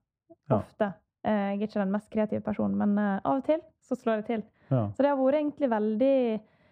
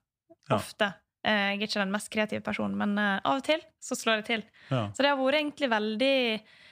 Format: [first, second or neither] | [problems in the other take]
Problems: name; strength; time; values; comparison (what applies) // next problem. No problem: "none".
second | muffled; very; fading above 1.5 kHz